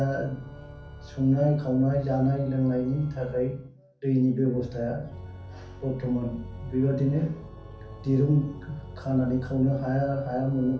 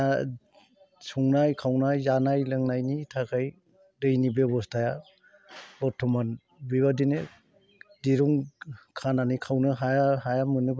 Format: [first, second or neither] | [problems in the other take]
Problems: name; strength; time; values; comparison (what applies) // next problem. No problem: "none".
second | background sound (Organ); 16 dB below the speech // room echo; dies away in 0.6 s